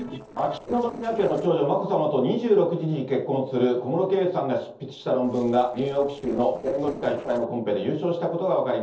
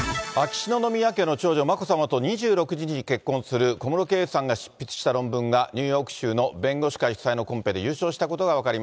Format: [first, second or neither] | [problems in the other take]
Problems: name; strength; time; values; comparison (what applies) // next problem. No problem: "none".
second | noise reduction (neural separator model SepFormer DNS4)